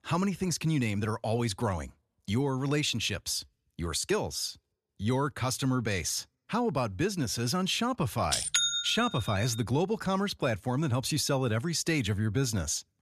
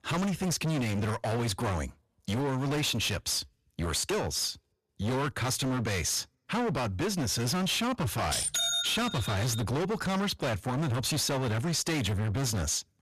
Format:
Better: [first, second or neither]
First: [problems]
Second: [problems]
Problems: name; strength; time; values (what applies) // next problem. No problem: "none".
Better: first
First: none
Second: distortion; heavy; 33% of the sound clipped